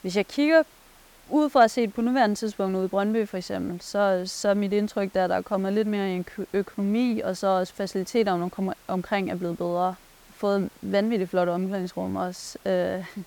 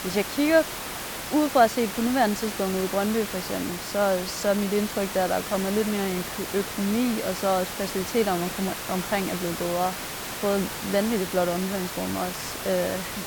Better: first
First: hiss; faint; throughout; 25 dB below the speech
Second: hiss; loud; throughout; 6 dB below the speech

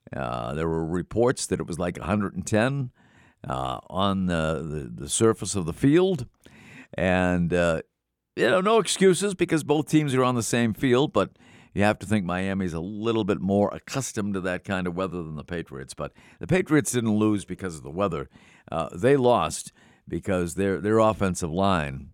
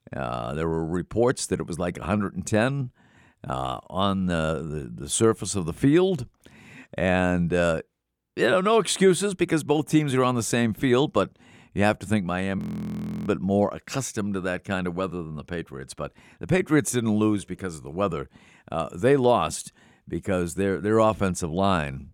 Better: first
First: none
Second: audio freezing; at 13 s for 0.5 s

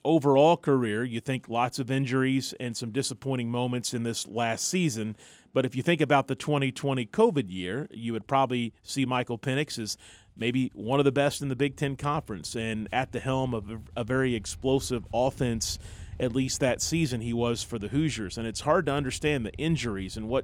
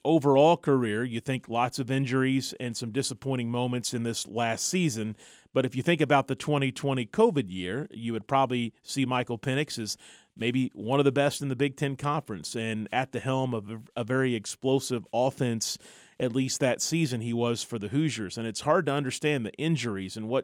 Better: second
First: traffic noise; noticeable; throughout; 20 dB below the speech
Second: none

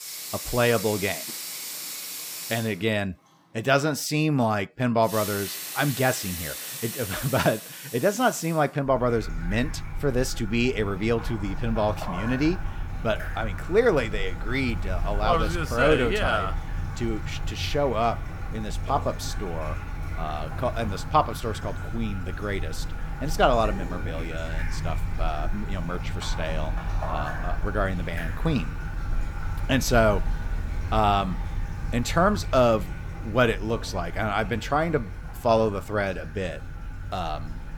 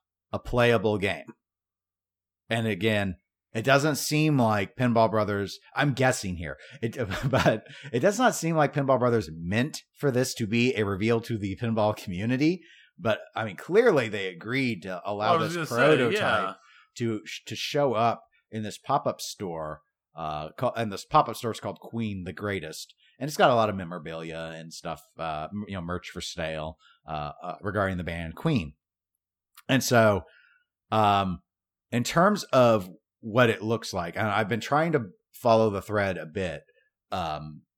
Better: second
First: household noises; loud; throughout; 8 dB below the speech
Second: none

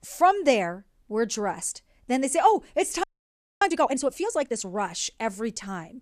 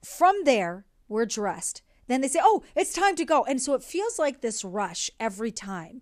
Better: second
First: audio freezing; at 3 s for 0.5 s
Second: none

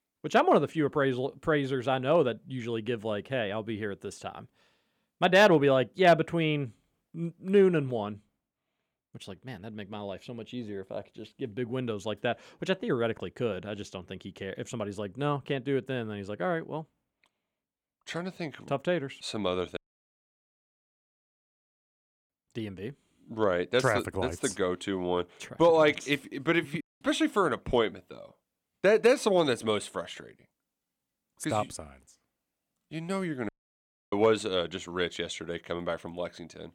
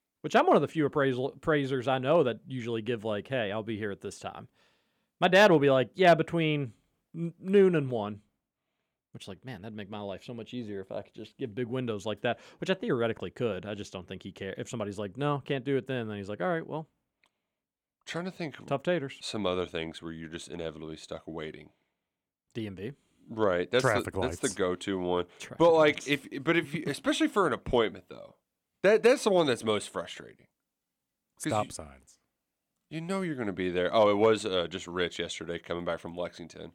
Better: second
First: audio cutting out; at 20 s for 2.5 s, at 27 s and at 33 s for 0.5 s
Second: none

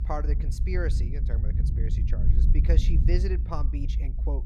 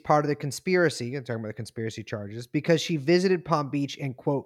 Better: second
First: low rumble; loud; throughout; 6 dB below the speech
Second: none

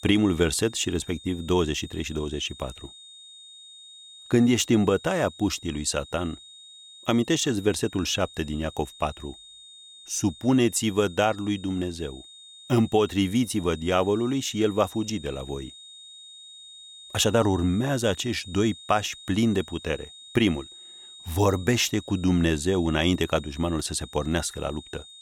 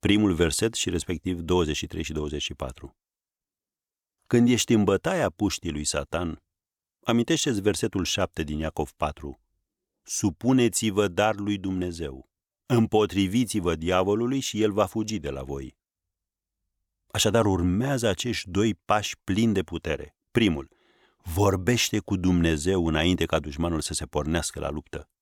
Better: second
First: high-pitched whine; noticeable; throughout; 3.5 kHz, 20 dB below the speech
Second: none

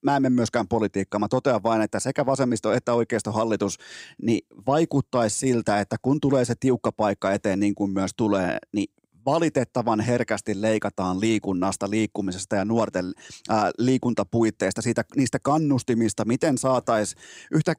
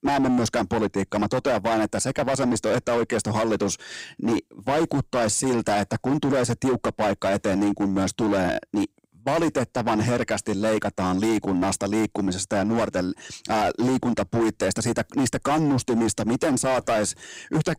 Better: first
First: none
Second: distortion; heavy; 19% of the sound clipped

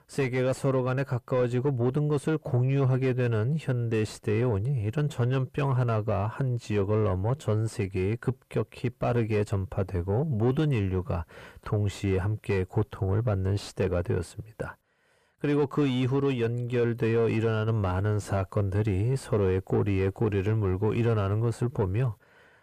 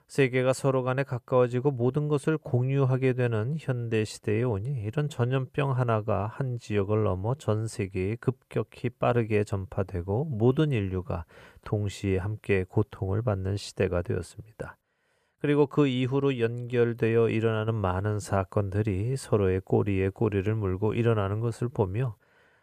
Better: second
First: distortion; slight; 10 dB below the speech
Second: none

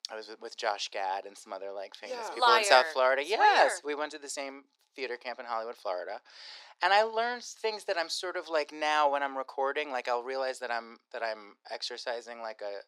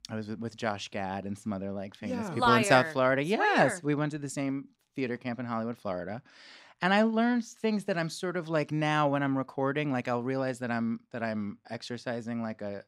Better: second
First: thin; very; fading below 400 Hz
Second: none

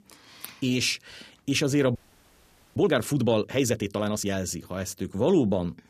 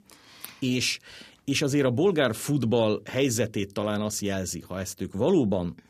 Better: second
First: audio freezing; at 2 s for 1 s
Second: none

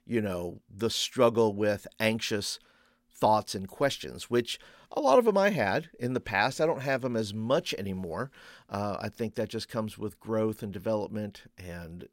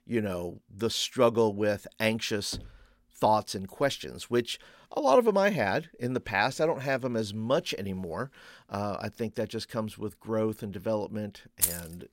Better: first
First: none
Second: door banging; faint; at 2.5 s; peak 15 dB below the speech // jangling keys; loud; at 12 s; peak 2 dB above the speech

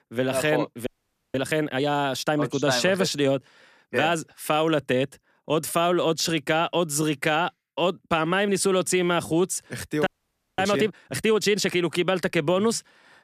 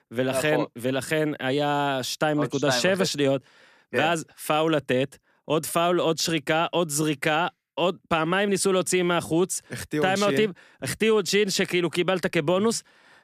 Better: second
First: audio freezing; at 1 s and at 10 s for 0.5 s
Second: none

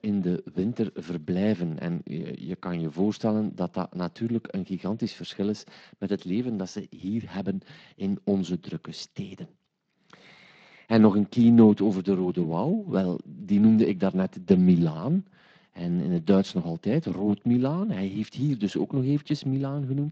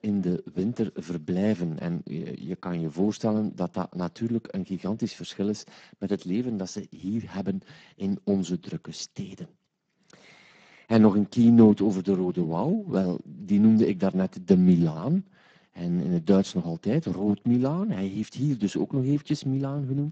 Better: first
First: garbled, watery; slightly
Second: garbled, watery; badly; nothing above 7.5 kHz

